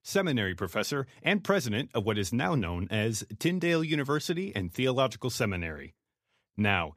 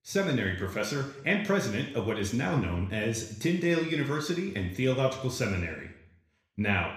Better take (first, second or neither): first